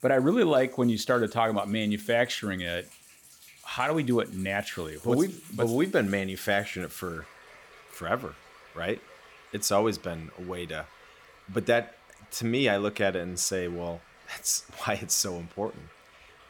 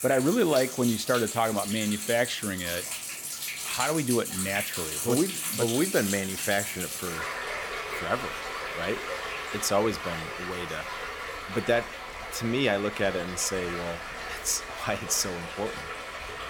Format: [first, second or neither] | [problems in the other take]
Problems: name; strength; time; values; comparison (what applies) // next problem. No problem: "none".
first | rain or running water; loud; throughout; 4 dB below the speech; faint in the first